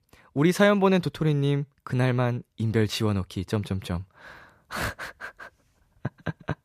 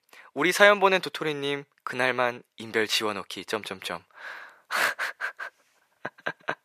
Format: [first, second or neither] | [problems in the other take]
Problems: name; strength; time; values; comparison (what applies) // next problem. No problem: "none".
first | thin; very; fading below 500 Hz